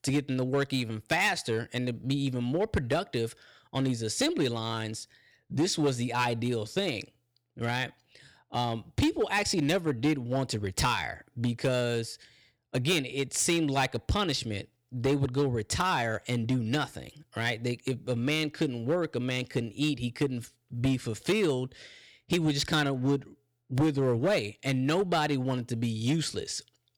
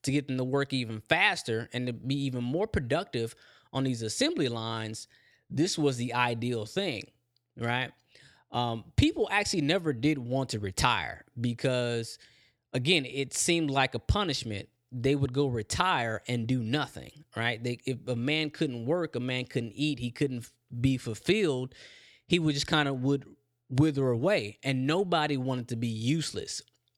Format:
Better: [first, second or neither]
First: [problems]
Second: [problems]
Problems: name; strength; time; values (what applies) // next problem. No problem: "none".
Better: second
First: distortion; slight; 4% of the sound clipped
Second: none